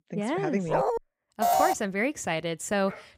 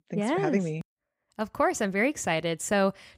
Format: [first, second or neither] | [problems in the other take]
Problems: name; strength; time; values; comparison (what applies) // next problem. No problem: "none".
second | dog barking; loud; at 0.5 s; peak 2 dB above the speech // alarm; loud; at 1.5 s; peak 5 dB above the speech // dog barking; very faint; at 3 s; peak 15 dB below the speech